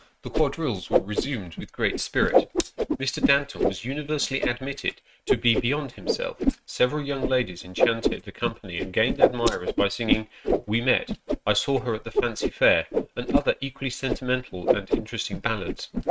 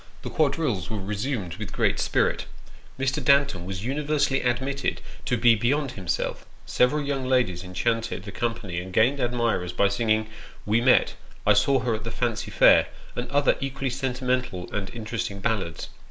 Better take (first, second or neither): second